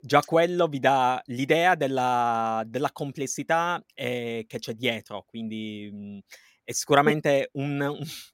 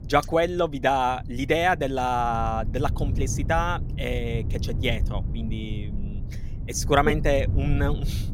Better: first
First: none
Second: low rumble; noticeable; throughout; 20 dB below the speech

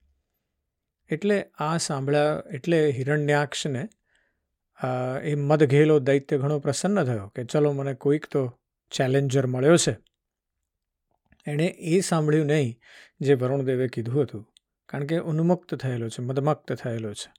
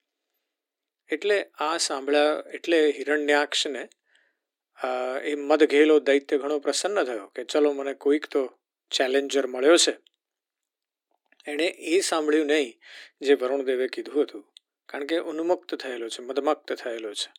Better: first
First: none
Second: thin; somewhat; fading below 300 Hz

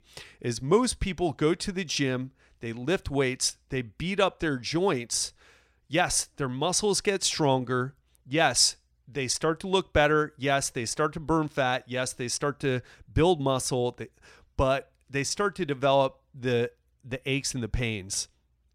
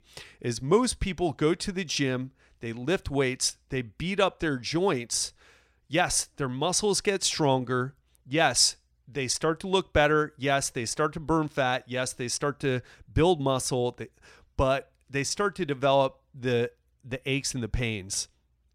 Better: neither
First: none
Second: none

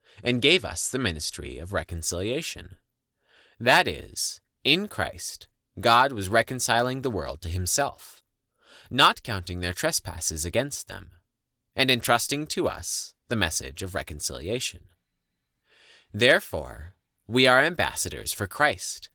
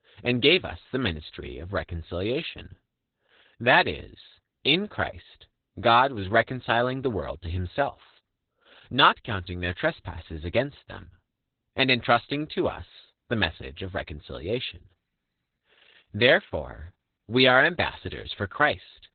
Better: first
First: garbled, watery; slightly; nothing above 18.5 kHz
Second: garbled, watery; badly; nothing above 4 kHz

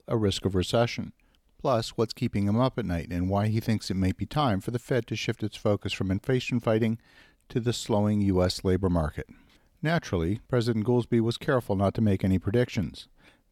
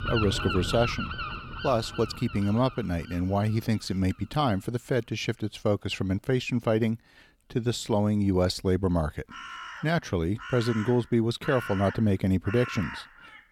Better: first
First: none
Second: animal sounds; loud; throughout; 10 dB below the speech

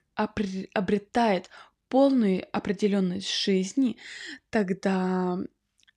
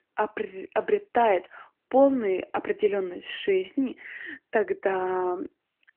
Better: first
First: none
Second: phone-call audio; nothing above 3 kHz

